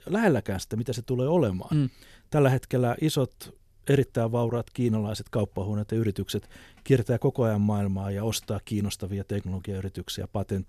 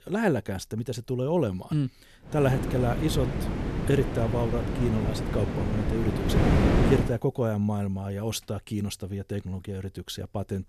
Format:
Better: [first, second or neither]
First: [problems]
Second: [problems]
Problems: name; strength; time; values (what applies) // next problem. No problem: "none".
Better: first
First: none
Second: wind noise on the microphone; heavy; from 2.5 to 7 s; 1 dB below the speech